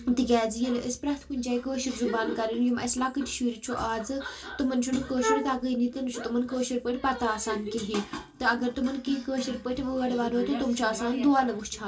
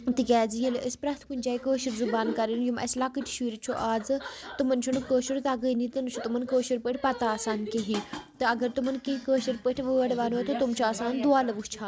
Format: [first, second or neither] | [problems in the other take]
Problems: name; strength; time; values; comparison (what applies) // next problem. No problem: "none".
second | background sound (Wind instrument, woodwind instrument); 2 dB below the speech // room echo; dies away in 0.2 s